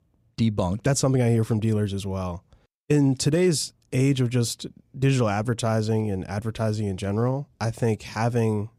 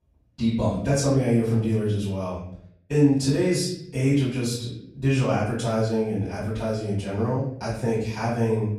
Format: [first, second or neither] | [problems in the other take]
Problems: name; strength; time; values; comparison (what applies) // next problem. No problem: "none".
first | off-mic speech; far // room echo; noticeable; dies away in 0.6 s